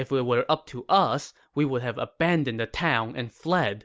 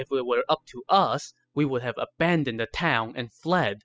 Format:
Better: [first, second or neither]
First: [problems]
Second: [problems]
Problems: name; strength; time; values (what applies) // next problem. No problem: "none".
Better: first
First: none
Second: noise reduction (classical method spectral subtraction)